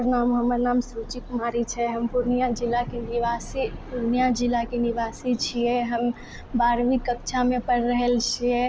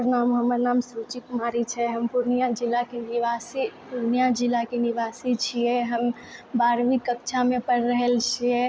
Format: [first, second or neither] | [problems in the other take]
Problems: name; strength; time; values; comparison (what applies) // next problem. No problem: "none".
second | background sound (Thunder + Growling); 14 dB below the speech